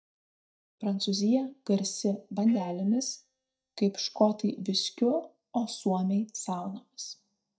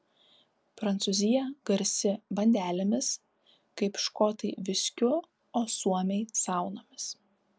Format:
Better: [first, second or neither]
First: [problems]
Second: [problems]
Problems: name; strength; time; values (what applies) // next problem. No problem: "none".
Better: second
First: noise reduction (neural mask model DeepFilterNet 3)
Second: none